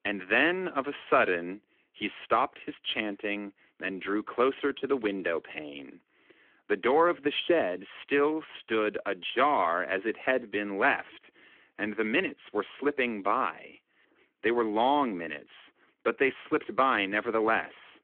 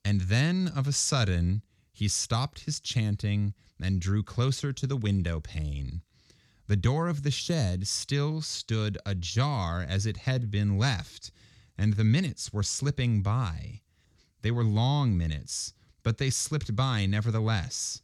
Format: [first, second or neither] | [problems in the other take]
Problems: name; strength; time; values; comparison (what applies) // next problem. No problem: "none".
second | phone-call audio; nothing above 3.5 kHz